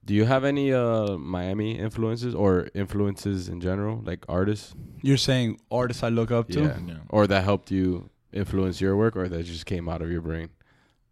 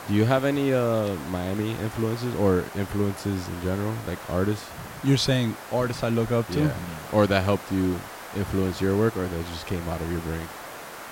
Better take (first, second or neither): first